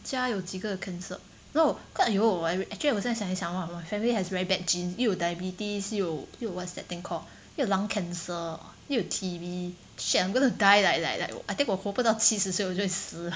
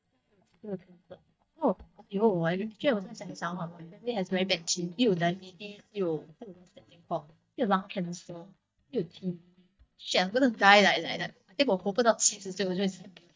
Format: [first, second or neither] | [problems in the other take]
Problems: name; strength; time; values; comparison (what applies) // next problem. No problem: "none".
first | noise reduction (neural mask model DeepFilterNet 3)